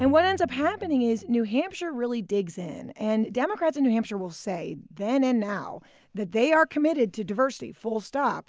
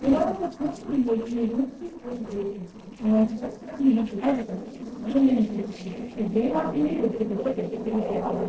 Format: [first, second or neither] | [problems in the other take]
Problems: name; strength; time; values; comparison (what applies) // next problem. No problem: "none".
first | noise reduction (neural separator model SepFormer DNS4)